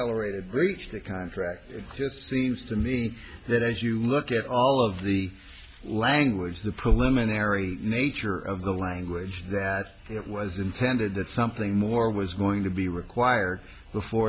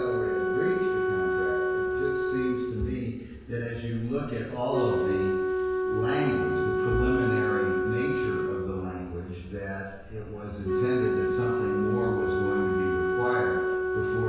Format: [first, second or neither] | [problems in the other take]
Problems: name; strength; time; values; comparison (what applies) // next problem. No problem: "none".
first | background sound (Wind instrument, woodwind instrument); 4 dB above the speech // room echo; dies away in 1.2 s